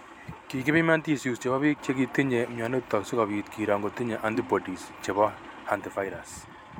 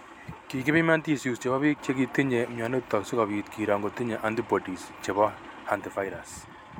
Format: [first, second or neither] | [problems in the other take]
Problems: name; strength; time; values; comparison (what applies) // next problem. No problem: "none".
second | background sound (Bowed string instrument); 17 dB below the speech